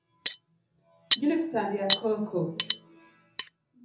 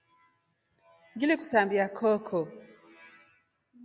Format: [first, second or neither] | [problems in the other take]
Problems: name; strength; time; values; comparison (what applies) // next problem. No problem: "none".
second | background sound (Cutlery, silverware); 3 dB below the speech // room echo; dies away in 0.6 s